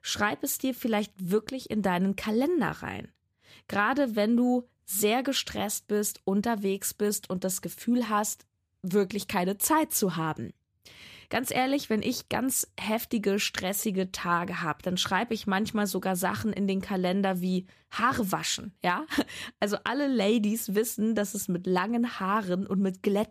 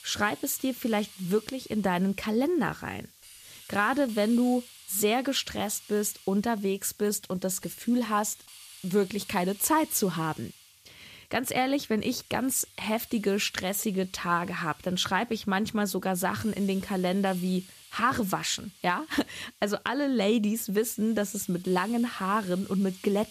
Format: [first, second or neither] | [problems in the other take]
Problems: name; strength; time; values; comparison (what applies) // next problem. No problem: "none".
first | hiss; faint; throughout; 20 dB below the speech